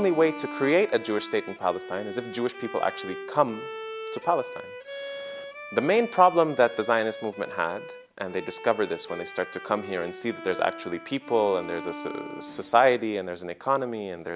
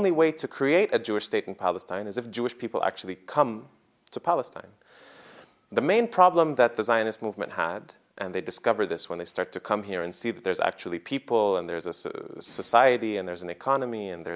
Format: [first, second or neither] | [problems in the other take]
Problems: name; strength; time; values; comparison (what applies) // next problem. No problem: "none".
second | background sound (Bowed string instrument); 13 dB below the speech